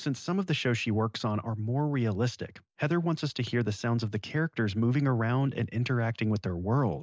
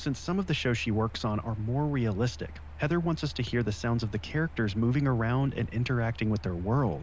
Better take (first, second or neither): first